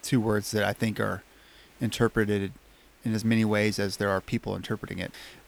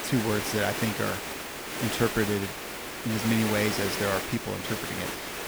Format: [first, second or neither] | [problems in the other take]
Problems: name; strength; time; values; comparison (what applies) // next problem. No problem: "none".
first | hiss; loud; throughout; 2 dB below the speech; faint in the first